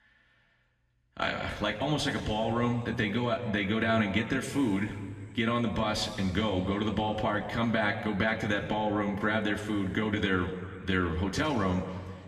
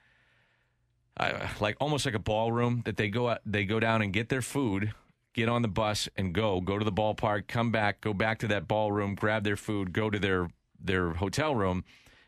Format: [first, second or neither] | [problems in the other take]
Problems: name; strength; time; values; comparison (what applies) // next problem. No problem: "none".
second | room echo; slight; dies away in 2 s // off-mic speech; somewhat distant